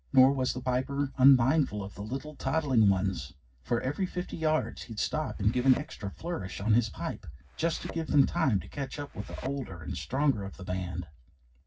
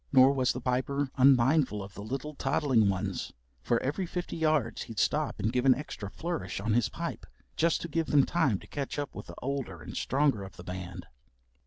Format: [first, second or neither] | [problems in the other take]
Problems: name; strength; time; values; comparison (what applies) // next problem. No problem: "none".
second | background sound (Thump, thud); 18 dB below the speech // room echo; dies away in 0.4 s